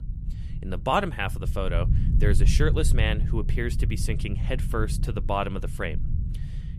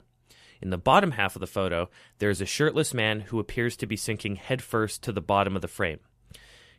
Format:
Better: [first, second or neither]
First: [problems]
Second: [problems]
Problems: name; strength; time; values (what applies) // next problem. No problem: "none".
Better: second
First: low rumble; noticeable; throughout; 15 dB below the speech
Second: none